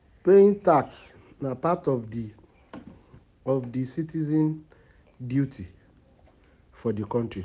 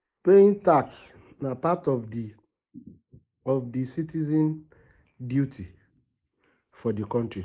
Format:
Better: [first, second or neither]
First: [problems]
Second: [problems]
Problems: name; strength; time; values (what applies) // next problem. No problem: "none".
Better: first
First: none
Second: noise reduction (neural mask model Resemble Enhance denoiser)